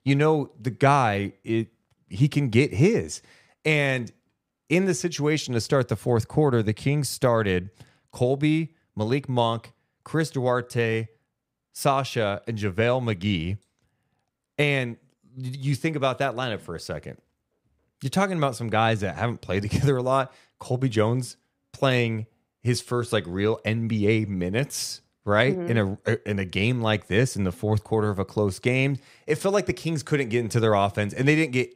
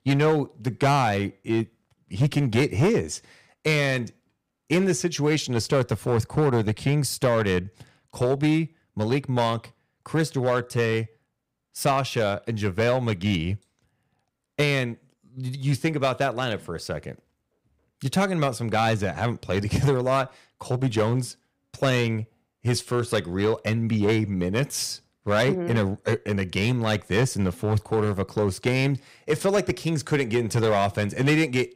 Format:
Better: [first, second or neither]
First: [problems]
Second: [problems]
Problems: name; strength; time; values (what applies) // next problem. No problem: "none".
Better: first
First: none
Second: distortion; slight; 5% of the sound clipped